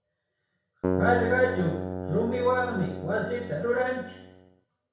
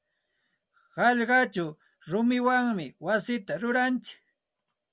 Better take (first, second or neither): second